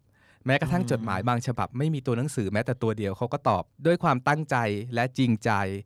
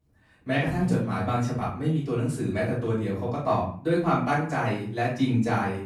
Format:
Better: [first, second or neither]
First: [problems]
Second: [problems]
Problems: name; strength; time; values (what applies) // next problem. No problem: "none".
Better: first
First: none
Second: off-mic speech; far // room echo; noticeable; dies away in 0.5 s